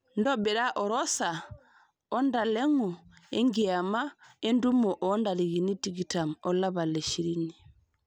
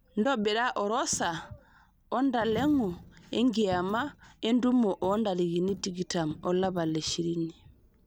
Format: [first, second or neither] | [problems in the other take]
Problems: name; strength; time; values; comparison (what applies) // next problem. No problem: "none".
first | background sound (Coin (dropping)); 18 dB below the speech